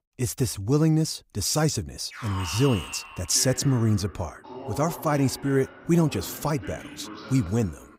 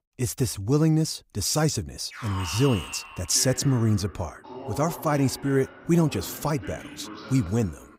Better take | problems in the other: neither | alarm; noticeable; from 2 s on; peak 8 dB below the speech; the same in both

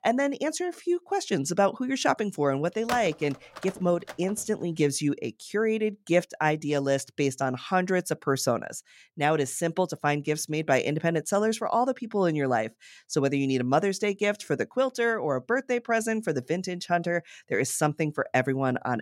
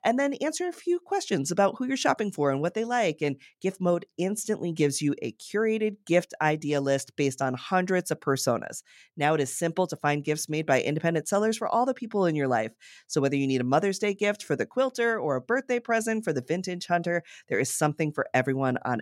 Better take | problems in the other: second | phone ringing; noticeable; from 3 to 4.5 s; peak 8 dB below the speech

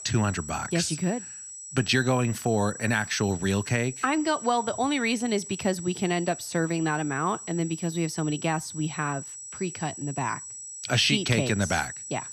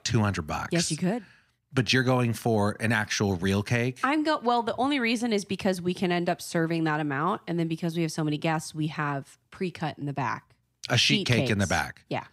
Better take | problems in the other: second | high-pitched whine; noticeable; throughout; 8 kHz, 10 dB below the speech

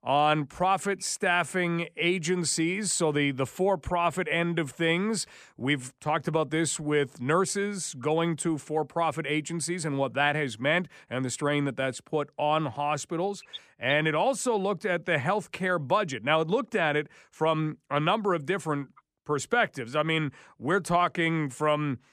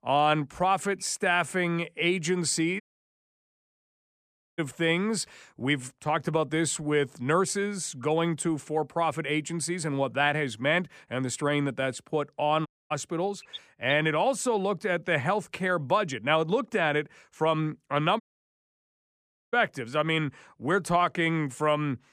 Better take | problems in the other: first | audio cutting out; at 3 s for 2 s, at 13 s and at 18 s for 1.5 s

